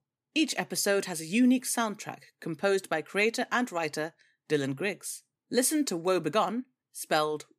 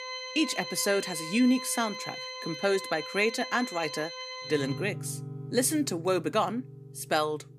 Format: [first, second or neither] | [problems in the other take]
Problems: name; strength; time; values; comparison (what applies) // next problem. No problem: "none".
first | background music; loud; throughout; 9 dB below the speech